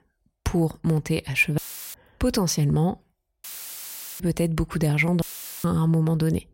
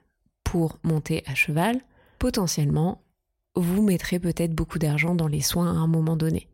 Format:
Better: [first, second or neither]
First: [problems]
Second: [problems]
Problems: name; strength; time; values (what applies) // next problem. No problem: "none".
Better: second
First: audio cutting out; filled with static; at 1.5 s, at 3.5 s for 1 s and at 5 s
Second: none